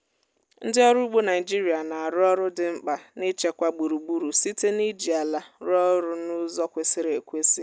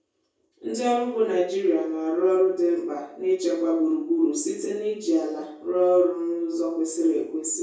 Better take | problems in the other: first | room echo; dies away in 0.6 s

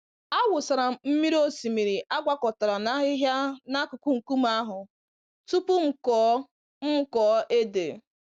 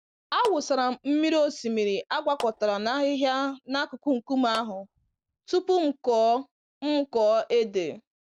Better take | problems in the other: first | background sound (Clapping); 19 dB below the speech

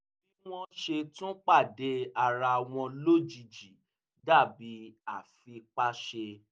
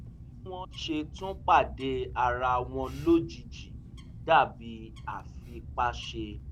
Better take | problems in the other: first | background sound (Bird); 12 dB below the speech

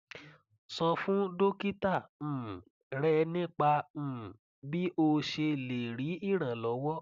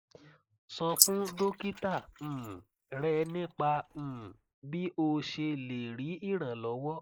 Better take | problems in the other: first | noise reduction (neural mask model Resemble Enhance denoiser)

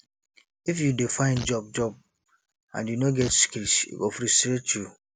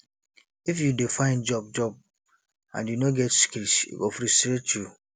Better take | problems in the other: second | background sound (Fart); 17 dB below the speech

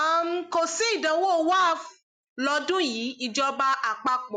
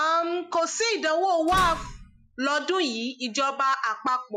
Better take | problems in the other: first | noise reduction (classical method Wiener filter)

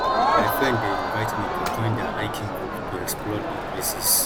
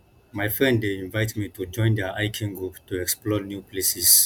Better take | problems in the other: second | background sound (Crowd); 3 dB above the speech

